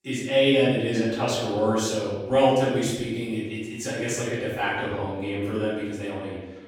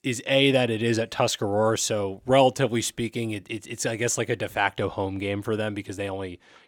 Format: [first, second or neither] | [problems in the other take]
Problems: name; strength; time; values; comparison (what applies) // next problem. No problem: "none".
second | off-mic speech; far // room echo; noticeable; dies away in 1 s